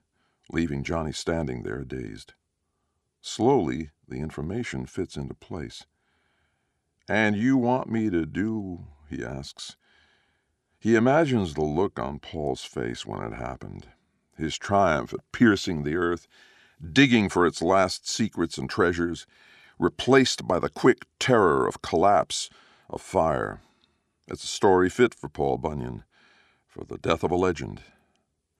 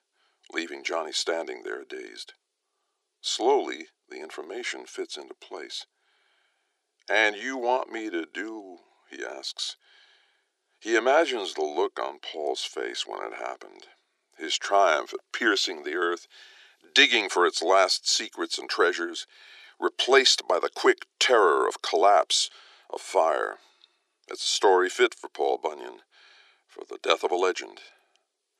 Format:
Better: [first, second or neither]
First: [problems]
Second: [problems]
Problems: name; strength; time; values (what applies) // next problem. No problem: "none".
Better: first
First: none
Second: thin; very; fading below 350 Hz